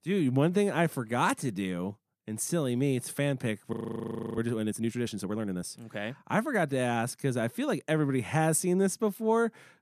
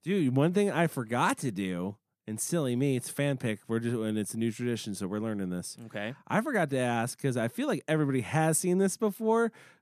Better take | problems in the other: second | audio freezing; at 3.5 s for 0.5 s

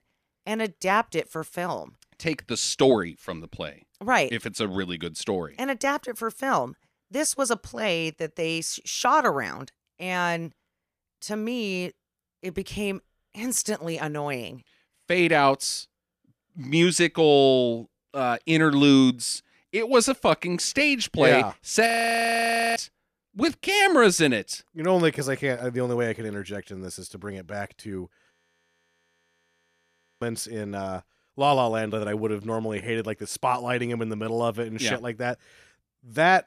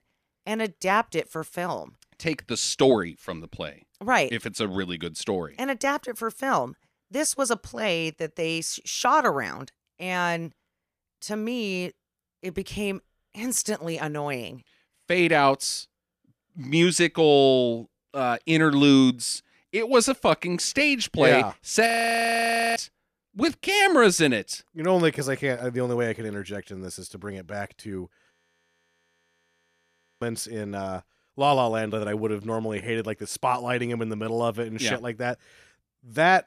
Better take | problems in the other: neither | audio freezing; at 22 s for 1 s and at 28 s for 2 s; the same in both

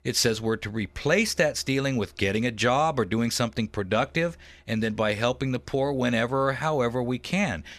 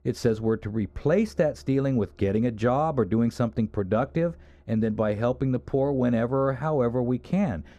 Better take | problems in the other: first | muffled; very; fading above 1 kHz

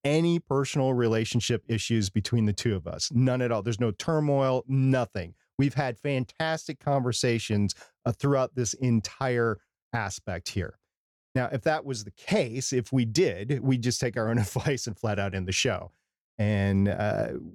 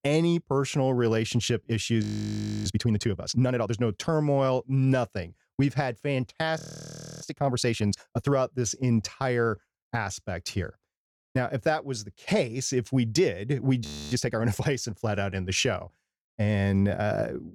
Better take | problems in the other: first | audio freezing; at 2 s for 0.5 s, at 6.5 s for 0.5 s and at 14 s

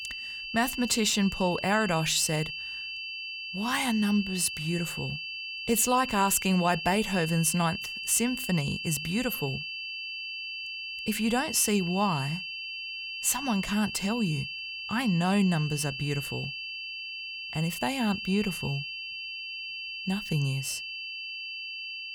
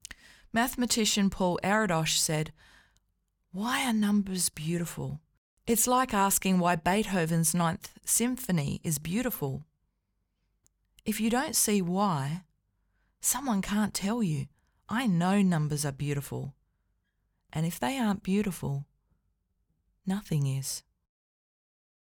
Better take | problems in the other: second | high-pitched whine; loud; throughout; 2.5 kHz, 7 dB below the speech

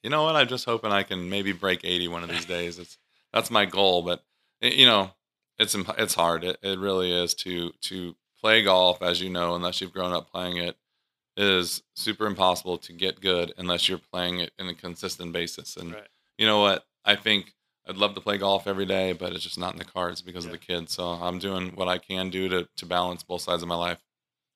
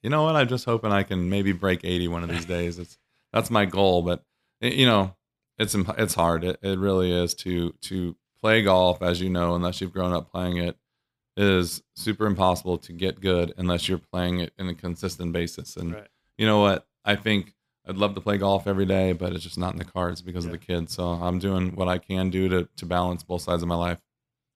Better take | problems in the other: second | thin; very slightly; fading below 450 Hz

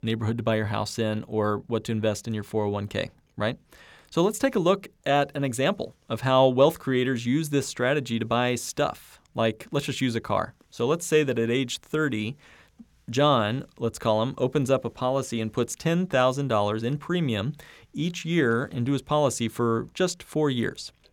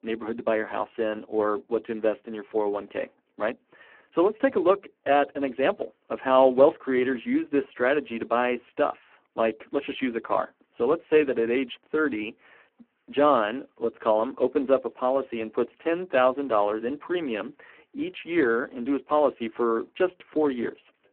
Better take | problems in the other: first | phone-call audio; poor line

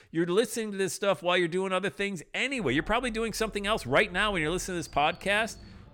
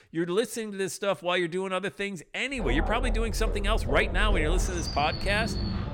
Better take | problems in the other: first | animal sounds; loud; from 2.5 s on; 3 dB below the speech; faint in the first

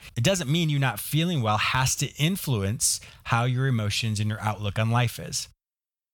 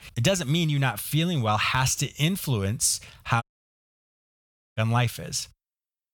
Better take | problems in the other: first | audio cutting out; at 3.5 s for 1.5 s

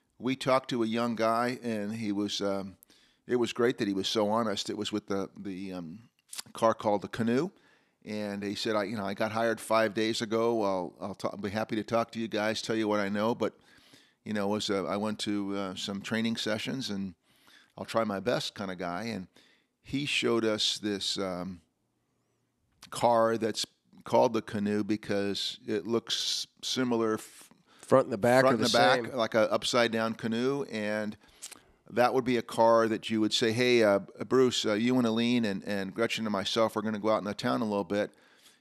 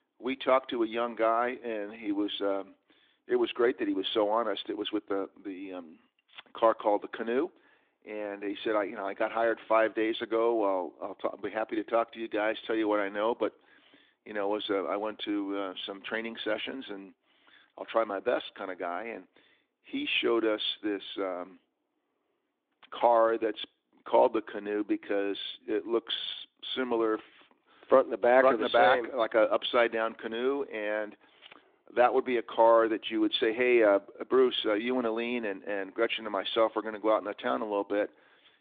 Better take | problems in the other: first | phone-call audio

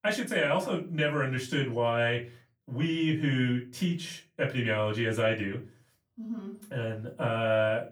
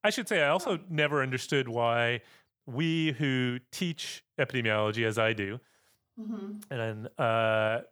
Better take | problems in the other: second | off-mic speech; far // room echo; very slight; dies away in 0.3 s

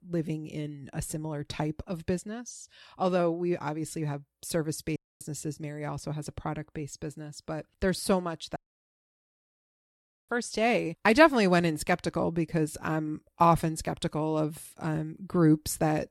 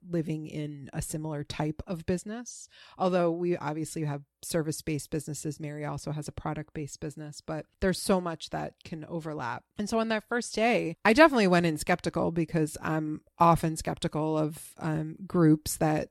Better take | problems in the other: second | audio cutting out; at 5 s and at 8.5 s for 1.5 s

